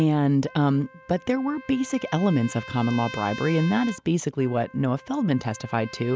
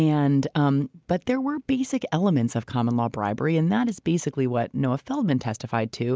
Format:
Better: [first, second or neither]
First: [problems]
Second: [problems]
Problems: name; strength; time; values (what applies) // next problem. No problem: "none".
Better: second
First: background sound (Trumpet); 17 dB below the speech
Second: none